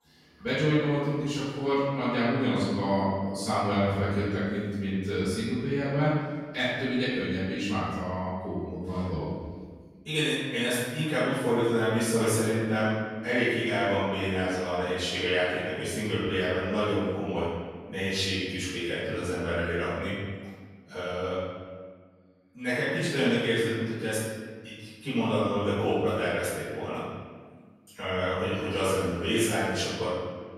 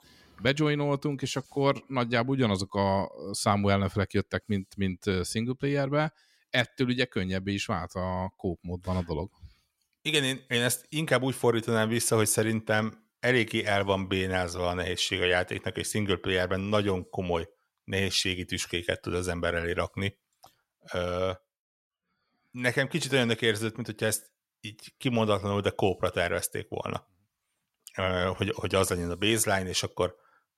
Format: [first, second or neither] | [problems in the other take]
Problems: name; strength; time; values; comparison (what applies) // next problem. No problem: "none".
second | off-mic speech; far // room echo; strong; dies away in 1.5 s